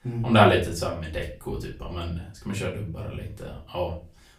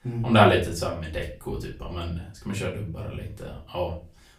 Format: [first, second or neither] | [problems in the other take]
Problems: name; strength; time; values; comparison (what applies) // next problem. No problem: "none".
neither | room echo; slight; dies away in 0.3 s; the same in both // off-mic speech; far; the same in both